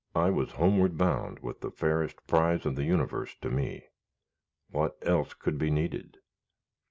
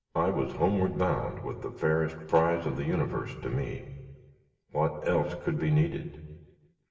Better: first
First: none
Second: room echo; dies away in 1.4 s

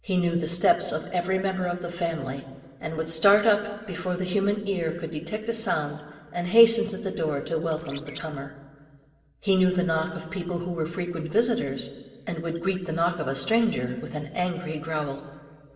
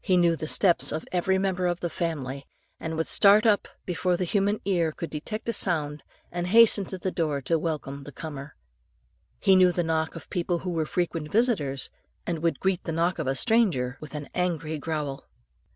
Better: second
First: noise reduction (neural separator model SepFormer DNS4)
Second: none

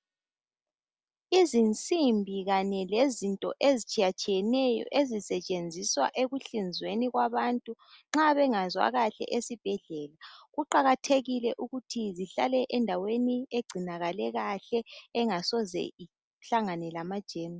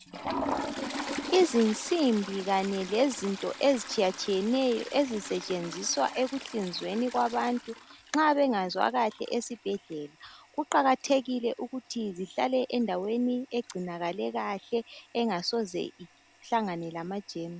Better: first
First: none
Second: background sound (Toilet flush); 13 dB below the speech

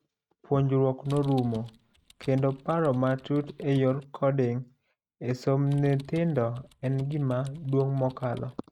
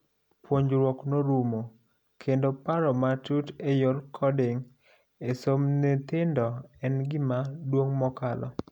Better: second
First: noise reduction (neural mask model RNNoise)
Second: none

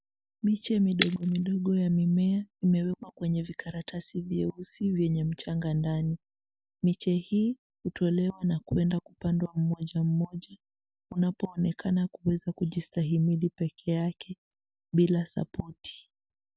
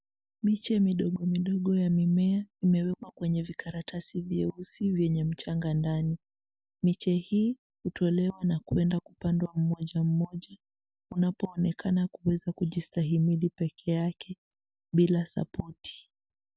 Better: second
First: background sound (Shatter); 12 dB below the speech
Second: none

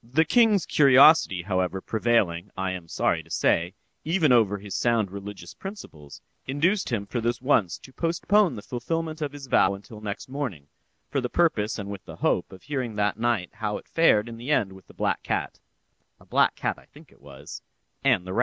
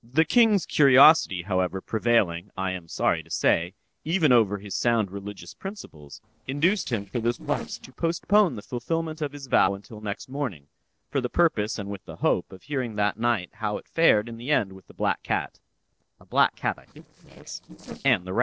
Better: first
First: none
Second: noise reduction (neural separator model SepFormer DNS4)

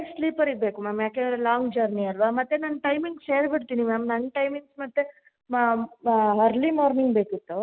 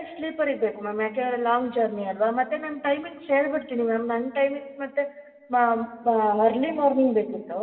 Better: first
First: none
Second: room echo; dies away in 1.9 s

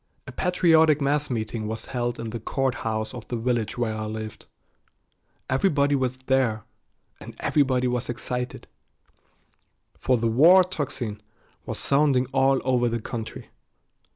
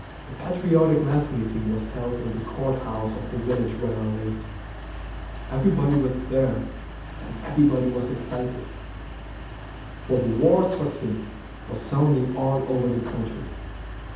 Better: first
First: none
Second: background sound (Mechanical fan); 11 dB below the speech // room echo; dies away in 0.8 s

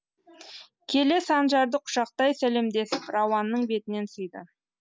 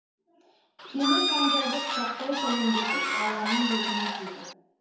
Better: first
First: none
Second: background sound (Bird / Fowl); 2 dB above the speech // room echo; dies away in 0.9 s

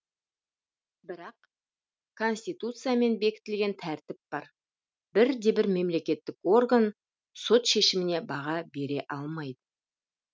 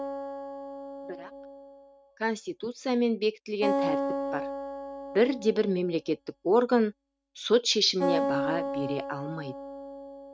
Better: first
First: none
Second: noise reduction (neural mask model RNNoise)

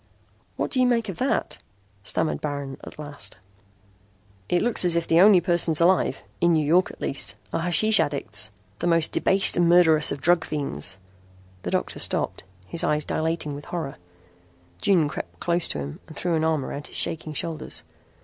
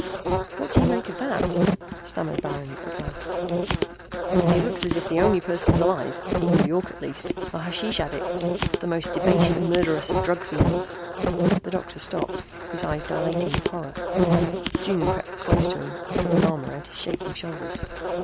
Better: first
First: none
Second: background sound (Insect); 4 dB above the speech

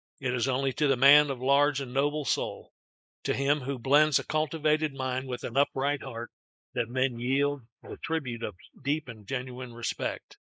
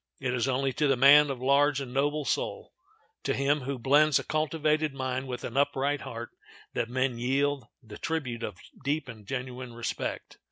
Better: second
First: noise reduction (neural mask model Resemble Enhance denoiser)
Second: none

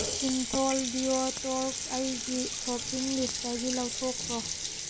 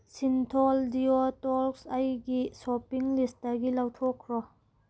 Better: second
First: background sound (Water tap, faucet); 2 dB below the speech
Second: none

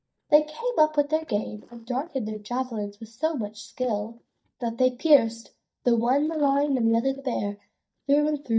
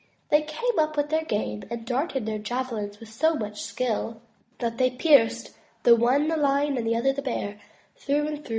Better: second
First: noise reduction (neural mask model DeepFilterNet 3)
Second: none

